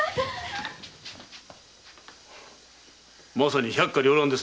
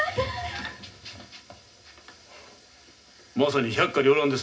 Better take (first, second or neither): first